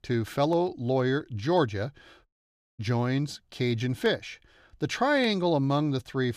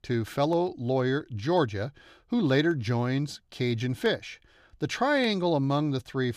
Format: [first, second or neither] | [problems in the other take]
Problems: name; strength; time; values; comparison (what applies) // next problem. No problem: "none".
second | audio cutting out; at 2.5 s for 0.5 s